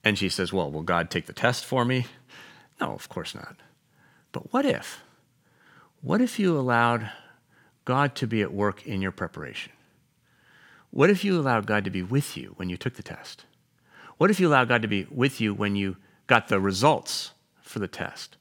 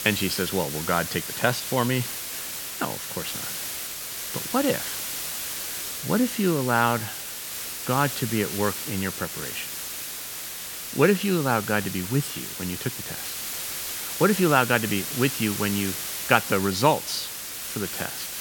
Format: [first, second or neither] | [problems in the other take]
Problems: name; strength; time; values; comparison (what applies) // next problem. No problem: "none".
first | hiss; loud; throughout; 5 dB below the speech